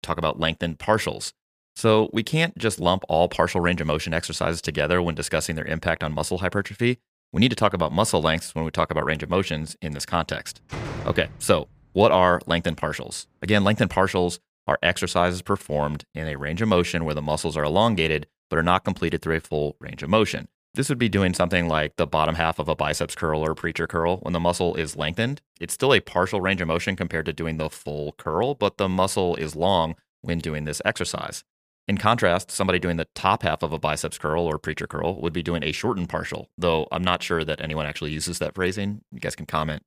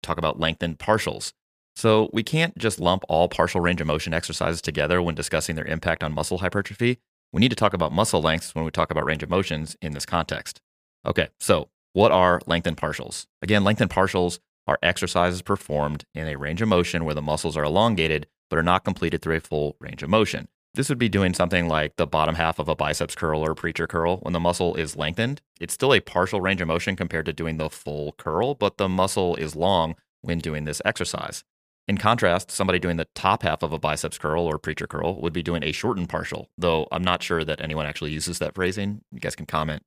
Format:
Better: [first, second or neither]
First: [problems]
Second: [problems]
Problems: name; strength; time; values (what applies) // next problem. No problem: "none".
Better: second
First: door banging; noticeable; at 11 s; peak 8 dB below the speech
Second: none